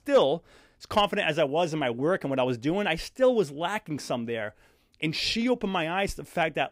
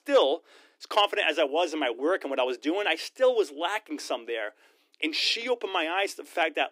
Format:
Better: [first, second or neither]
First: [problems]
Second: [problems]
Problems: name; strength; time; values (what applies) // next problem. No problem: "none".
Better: first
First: none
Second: thin; somewhat; fading below 300 Hz